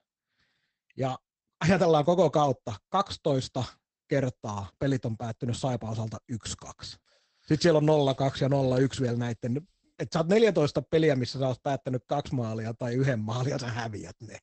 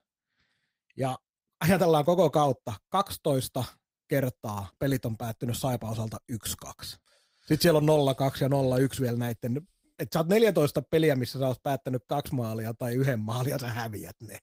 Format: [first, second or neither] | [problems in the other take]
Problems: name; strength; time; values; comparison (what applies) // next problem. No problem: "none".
second | garbled, watery; badly; nothing above 8 kHz; slightly in the second